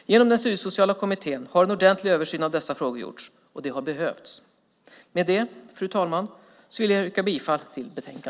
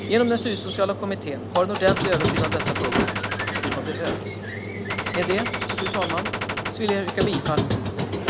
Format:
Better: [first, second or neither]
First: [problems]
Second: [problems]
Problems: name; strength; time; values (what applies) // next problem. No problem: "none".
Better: first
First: none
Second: background sound (Squeak + Gunshot, gunfire); as loud as the speech